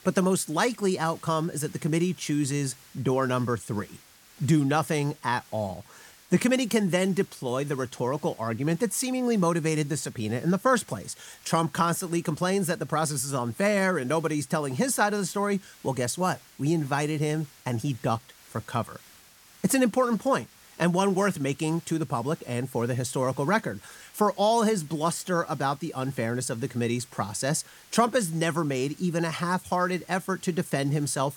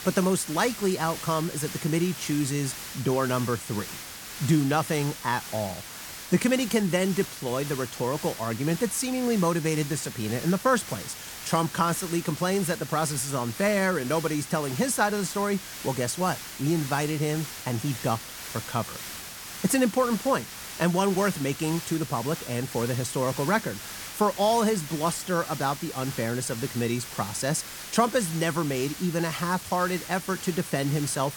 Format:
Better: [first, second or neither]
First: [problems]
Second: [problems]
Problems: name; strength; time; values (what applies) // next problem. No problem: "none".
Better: first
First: hiss; faint; throughout; 25 dB below the speech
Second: hiss; loud; throughout; 10 dB below the speech